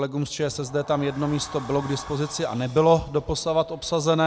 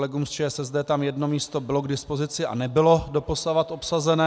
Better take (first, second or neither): second